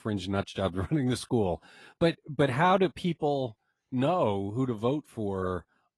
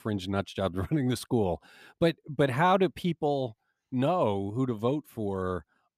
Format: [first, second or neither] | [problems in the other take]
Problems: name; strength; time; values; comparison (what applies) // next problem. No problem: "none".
second | garbled, watery; slightly; nothing above 11.5 kHz